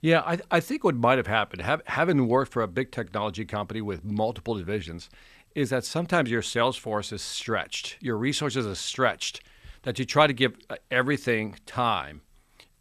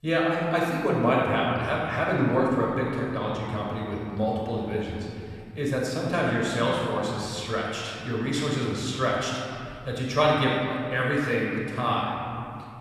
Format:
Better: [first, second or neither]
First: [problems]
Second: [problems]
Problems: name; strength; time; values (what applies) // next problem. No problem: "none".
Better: first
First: none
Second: off-mic speech; far // room echo; noticeable; dies away in 2.6 s